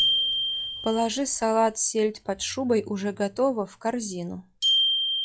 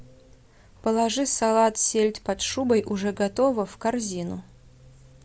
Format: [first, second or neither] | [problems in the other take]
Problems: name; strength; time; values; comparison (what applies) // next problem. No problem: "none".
second | noise reduction (classical method log-MMSE)